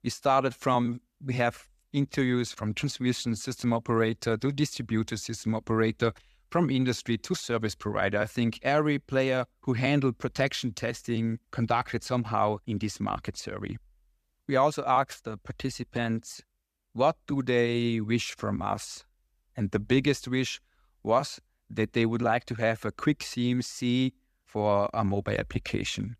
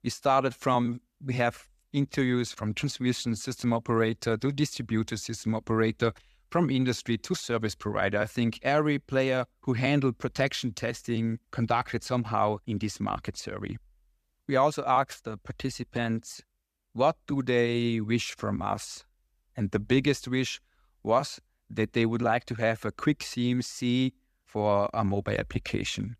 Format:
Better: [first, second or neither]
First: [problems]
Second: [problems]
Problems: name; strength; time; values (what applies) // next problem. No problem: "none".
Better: neither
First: none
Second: none